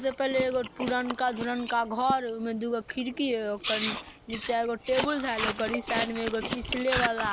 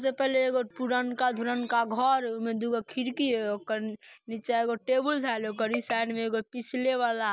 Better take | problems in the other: second | background sound (Chewing, mastication); 7 dB below the speech

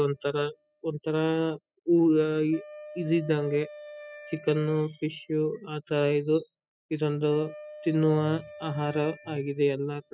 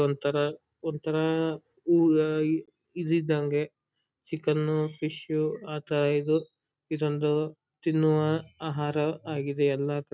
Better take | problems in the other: second | noise reduction (classical method spectral subtraction)

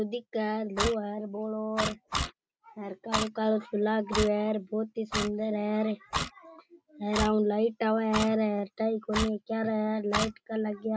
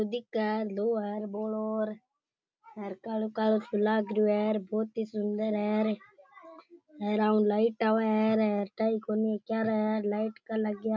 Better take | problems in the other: second | background sound (Clock); 7 dB below the speech

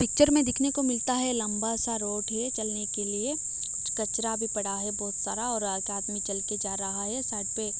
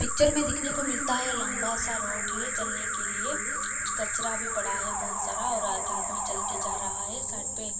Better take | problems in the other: first | background sound (Alarm); 6 dB below the speech // room echo; dies away in 2.6 s

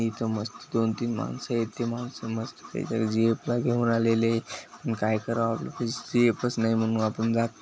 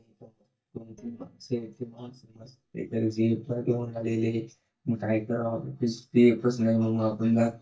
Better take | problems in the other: first | noise reduction (neural mask model DeepFilterNet 3)

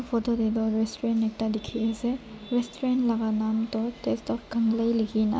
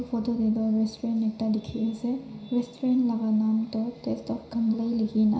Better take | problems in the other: first | room echo; dies away in 0.5 s

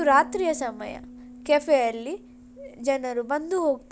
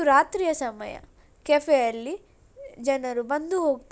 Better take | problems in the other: second | background sound (Bass guitar); 18 dB below the speech

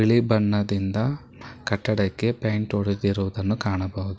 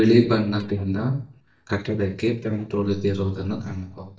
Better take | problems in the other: first | noise reduction (neural mask model DeepFilterNet 3)

